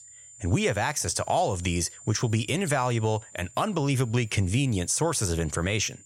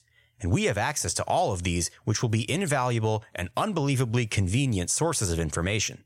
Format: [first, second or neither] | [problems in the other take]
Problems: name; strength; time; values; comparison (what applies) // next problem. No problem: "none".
second | high-pitched whine; faint; throughout; 7 kHz, 20 dB below the speech